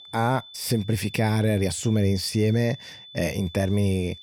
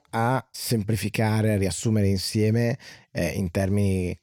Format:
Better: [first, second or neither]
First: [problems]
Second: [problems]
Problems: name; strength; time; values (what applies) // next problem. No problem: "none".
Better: second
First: high-pitched whine; noticeable; throughout; 3.5 kHz, 20 dB below the speech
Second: none